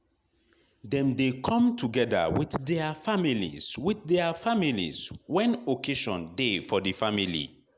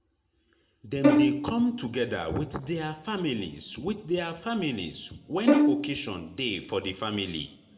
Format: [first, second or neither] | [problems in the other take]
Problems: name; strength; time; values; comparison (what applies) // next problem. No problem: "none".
first | background sound (Bowed string instrument); 3 dB above the speech // room echo; dies away in 0.9 s